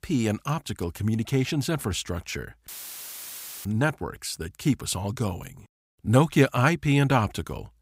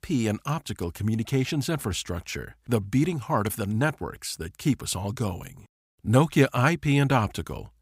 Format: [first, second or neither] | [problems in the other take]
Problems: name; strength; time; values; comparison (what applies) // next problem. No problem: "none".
second | audio cutting out; filled with static; at 2.5 s for 1 s